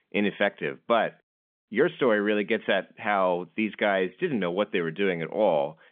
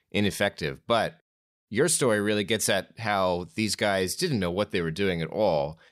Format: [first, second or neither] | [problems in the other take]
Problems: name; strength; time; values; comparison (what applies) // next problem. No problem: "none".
second | phone-call audio; nothing above 3.5 kHz